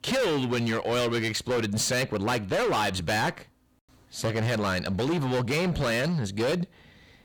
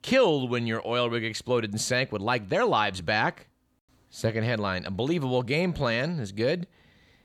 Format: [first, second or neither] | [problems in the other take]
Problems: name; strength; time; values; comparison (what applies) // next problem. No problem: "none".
second | distortion; heavy; 24% of the sound clipped